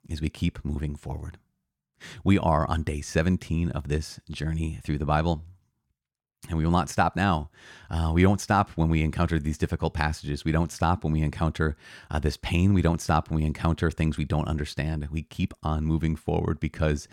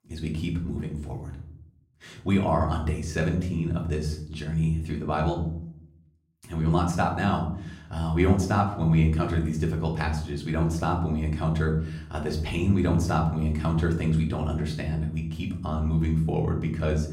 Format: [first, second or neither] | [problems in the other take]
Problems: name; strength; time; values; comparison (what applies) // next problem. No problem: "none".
first | room echo; slight; dies away in 0.6 s // off-mic speech; somewhat distant